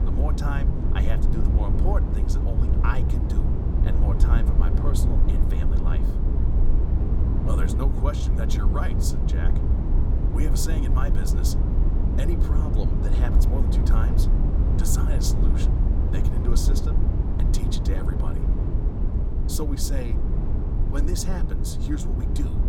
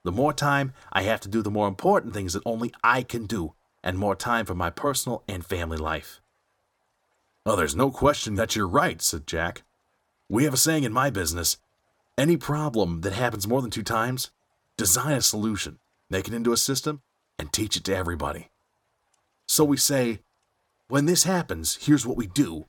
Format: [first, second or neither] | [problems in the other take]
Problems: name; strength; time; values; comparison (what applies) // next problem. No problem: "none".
second | low rumble; loud; throughout; 1 dB below the speech